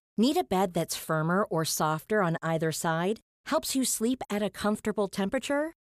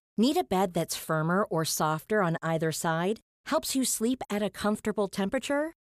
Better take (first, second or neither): neither